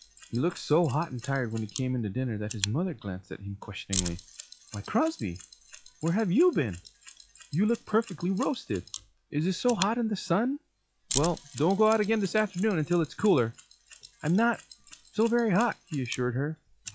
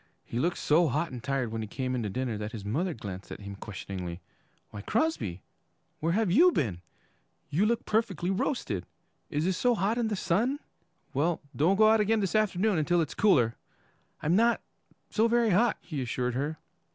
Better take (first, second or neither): second